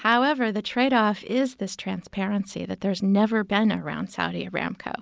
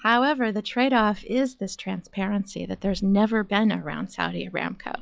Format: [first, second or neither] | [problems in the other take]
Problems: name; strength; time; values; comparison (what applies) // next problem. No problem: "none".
first | noise reduction (classical method log-MMSE)